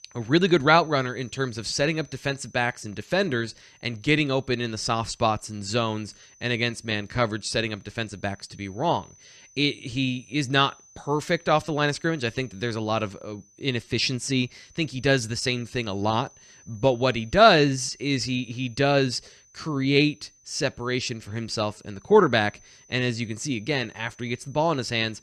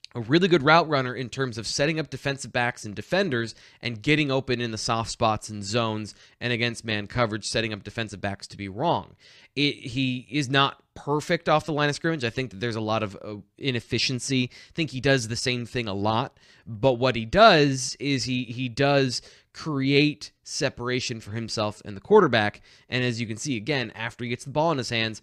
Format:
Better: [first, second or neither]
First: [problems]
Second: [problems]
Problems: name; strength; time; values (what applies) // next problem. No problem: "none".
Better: second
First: high-pitched whine; faint; throughout; 6 kHz, 30 dB below the speech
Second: none